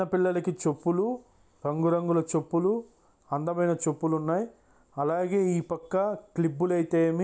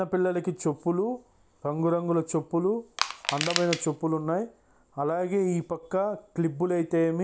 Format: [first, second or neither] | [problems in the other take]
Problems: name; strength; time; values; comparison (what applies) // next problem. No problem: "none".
first | background sound (Crushing); 5 dB below the speech